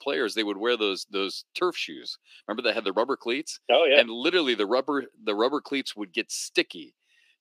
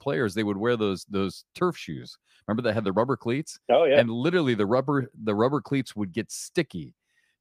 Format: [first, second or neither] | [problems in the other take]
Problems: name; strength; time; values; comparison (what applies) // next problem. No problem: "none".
second | thin; very slightly; fading below 300 Hz